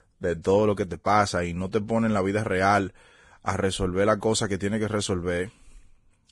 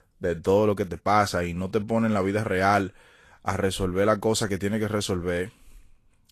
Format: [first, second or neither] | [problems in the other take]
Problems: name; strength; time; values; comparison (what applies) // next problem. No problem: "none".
second | garbled, watery; badly; slightly in the second